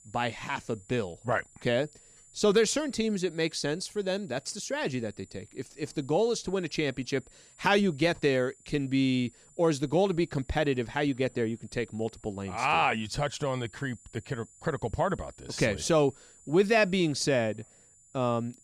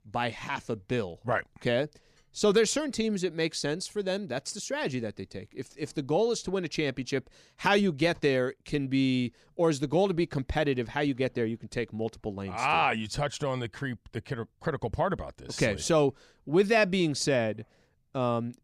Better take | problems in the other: second | high-pitched whine; faint; throughout; 7 kHz, 25 dB below the speech

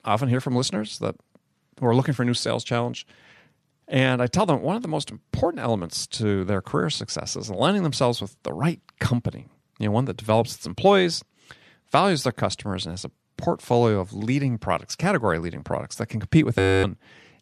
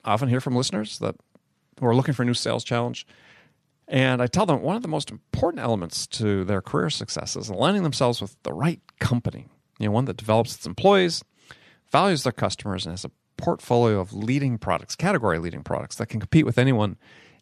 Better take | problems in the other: second | audio freezing; at 17 s

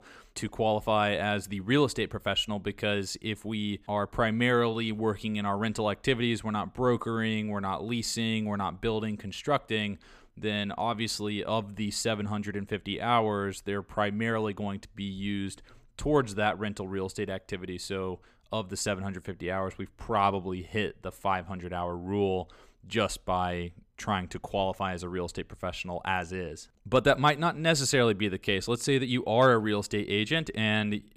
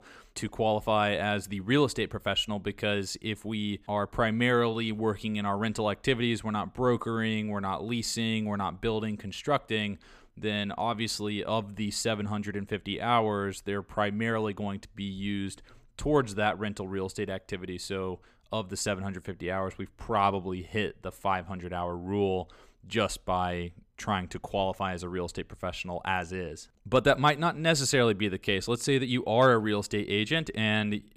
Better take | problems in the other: neither | none

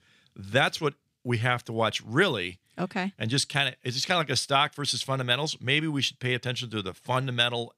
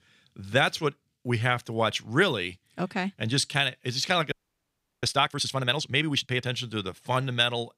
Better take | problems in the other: first | audio freezing; at 4.5 s for 0.5 s

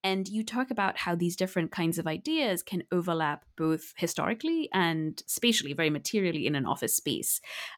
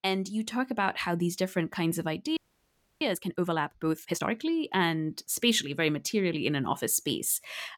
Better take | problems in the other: first | audio freezing; at 2.5 s for 0.5 s

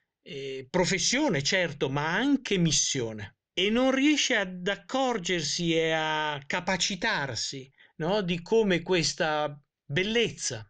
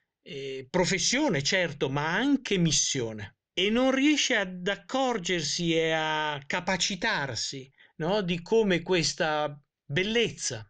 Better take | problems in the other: neither | none

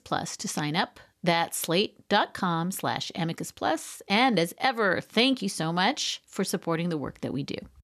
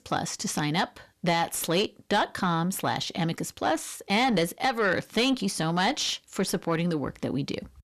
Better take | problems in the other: first | distortion; slight; 10 dB below the speech

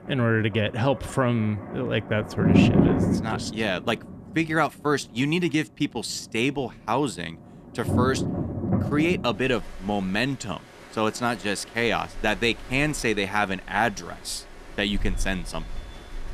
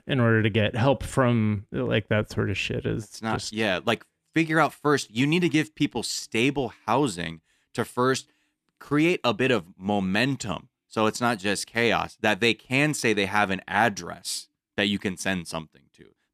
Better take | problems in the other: second | rain or running water; loud; throughout; as loud as the speech

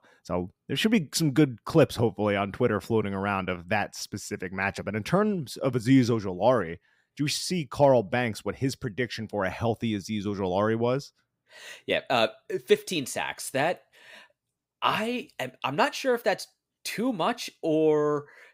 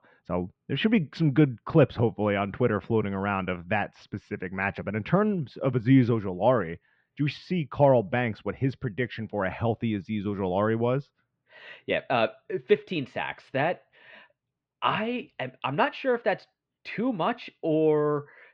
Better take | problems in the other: first | muffled; very; fading above 3 kHz

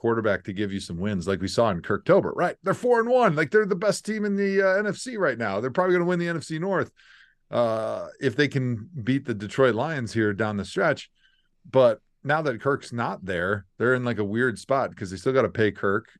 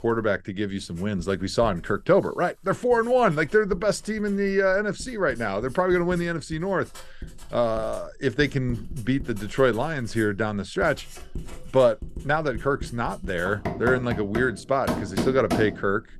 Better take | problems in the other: first | household noises; noticeable; throughout; 10 dB below the speech

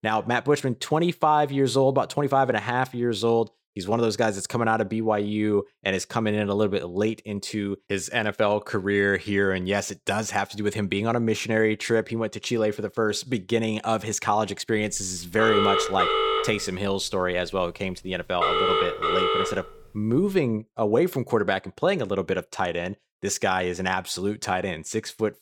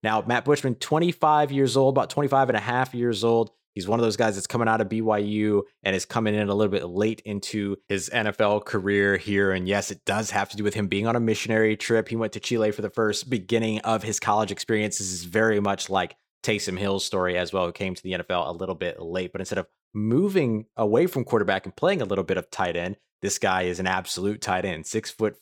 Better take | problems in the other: second | phone ringing; loud; from 15 to 20 s; peak 3 dB above the speech

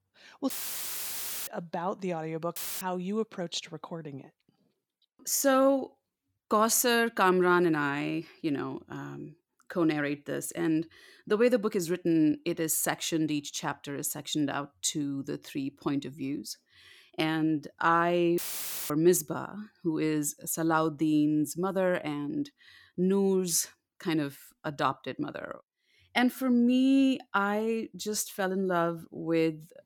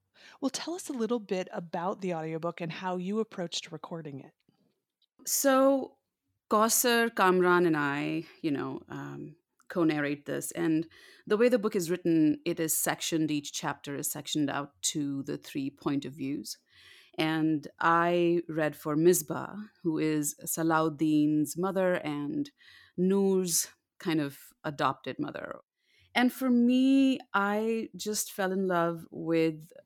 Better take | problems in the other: second | audio cutting out; filled with static; at 0.5 s for 1 s, at 2.5 s and at 18 s for 0.5 s

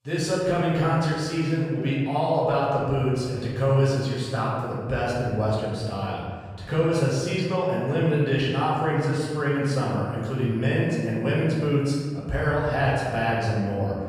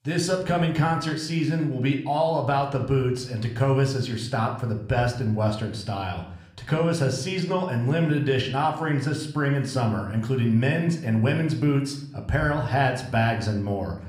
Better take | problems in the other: second | room echo; strong; dies away in 1.6 s; slight in the second // off-mic speech; far

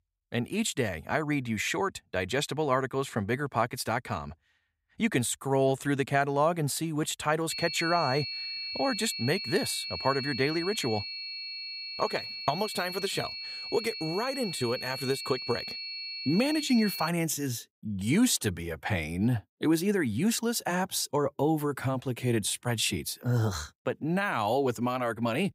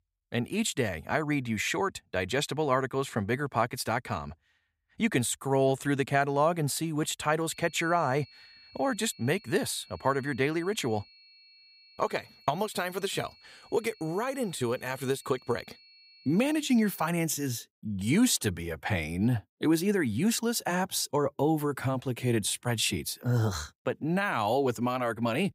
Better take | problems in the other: second | high-pitched whine; loud; from 7.5 to 17 s; 4.5 kHz, 6 dB below the speech; faint in the second

